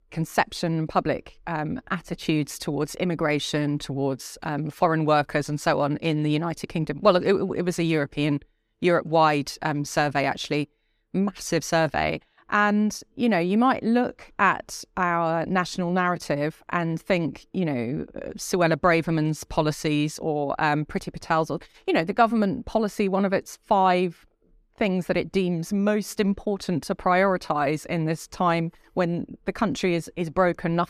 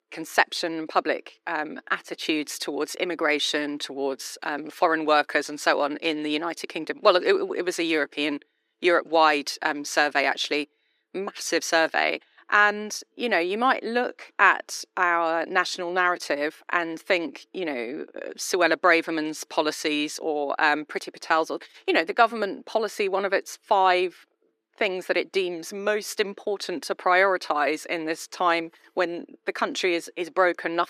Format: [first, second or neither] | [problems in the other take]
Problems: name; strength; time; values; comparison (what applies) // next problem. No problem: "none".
first | thin; somewhat; fading below 350 Hz